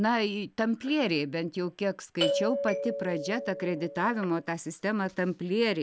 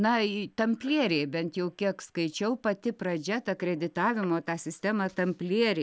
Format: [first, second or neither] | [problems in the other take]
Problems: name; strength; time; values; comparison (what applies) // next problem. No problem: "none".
second | background sound (Doorbell); 4 dB below the speech